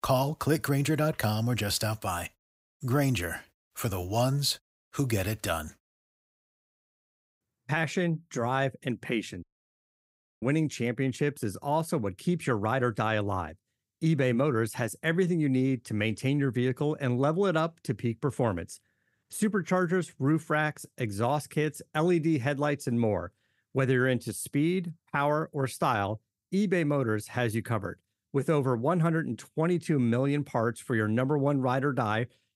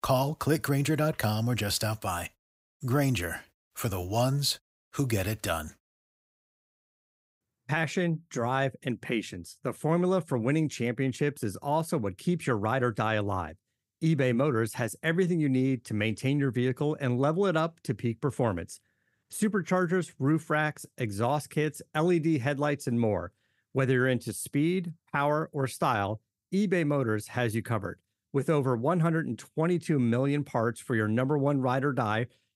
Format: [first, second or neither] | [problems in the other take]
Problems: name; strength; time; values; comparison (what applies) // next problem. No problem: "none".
second | audio cutting out; at 9.5 s for 1 s